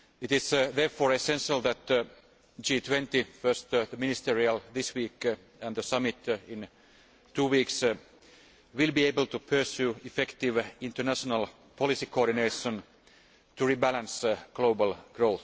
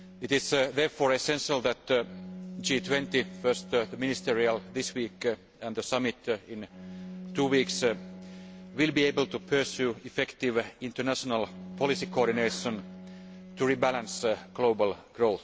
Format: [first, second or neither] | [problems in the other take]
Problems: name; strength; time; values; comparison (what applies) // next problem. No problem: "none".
first | background sound (Bowed string instrument); 16 dB below the speech